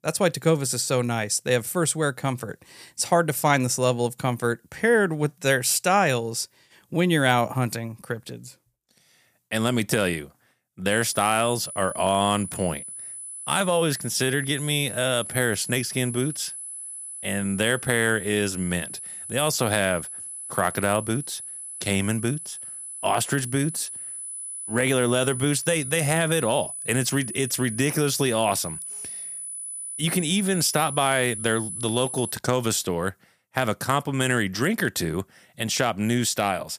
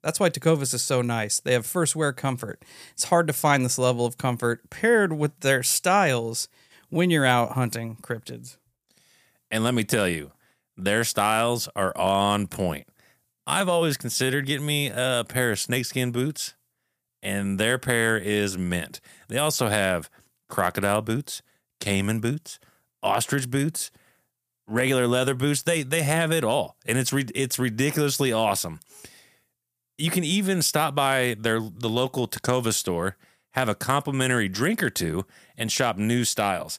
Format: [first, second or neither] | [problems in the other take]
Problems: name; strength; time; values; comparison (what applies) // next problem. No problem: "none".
second | high-pitched whine; loud; from 11 to 32 s; 10 kHz, 9 dB below the speech